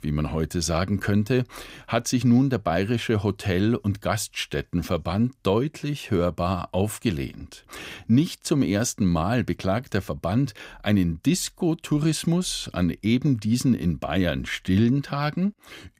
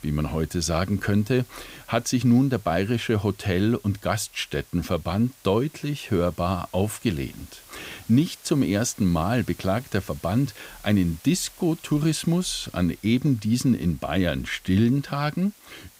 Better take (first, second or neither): first